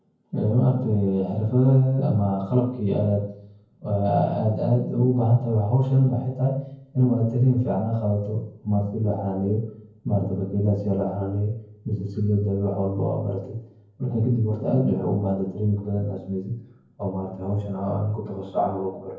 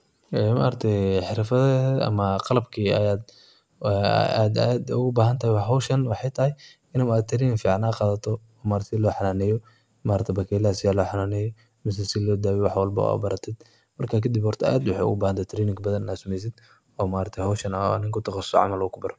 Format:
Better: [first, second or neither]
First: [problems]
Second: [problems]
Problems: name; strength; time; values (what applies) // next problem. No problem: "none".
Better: second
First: room echo; dies away in 0.9 s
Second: none